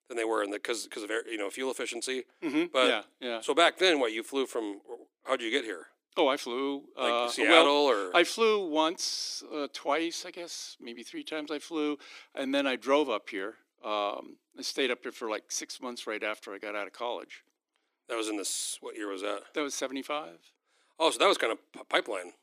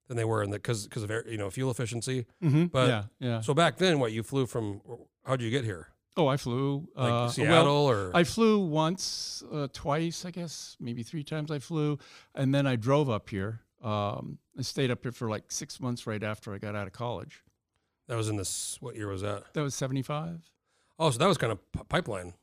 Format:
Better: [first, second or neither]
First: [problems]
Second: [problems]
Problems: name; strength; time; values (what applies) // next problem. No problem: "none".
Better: second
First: thin; somewhat; fading below 300 Hz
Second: none